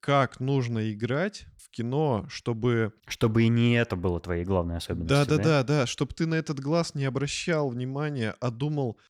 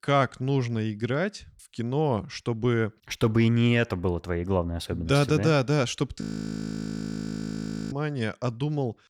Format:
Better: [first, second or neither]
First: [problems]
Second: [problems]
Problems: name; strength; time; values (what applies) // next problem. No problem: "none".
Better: first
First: none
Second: audio freezing; at 6 s for 1.5 s